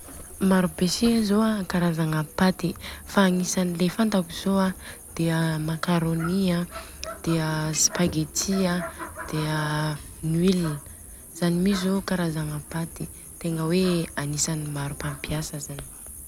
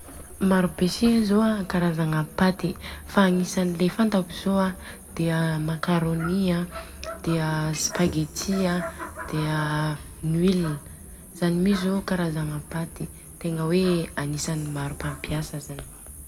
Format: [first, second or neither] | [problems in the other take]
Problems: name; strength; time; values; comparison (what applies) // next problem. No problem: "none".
first | room echo; dies away in 1.2 s